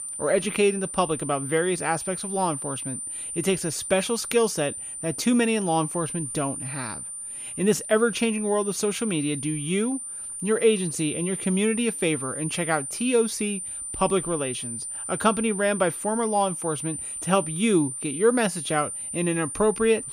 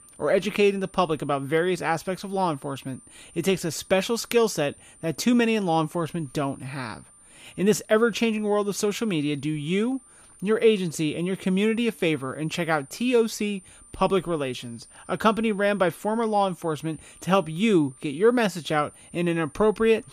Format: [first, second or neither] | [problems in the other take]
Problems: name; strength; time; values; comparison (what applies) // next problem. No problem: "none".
second | high-pitched whine; loud; throughout; 9 kHz, 6 dB below the speech; faint in the second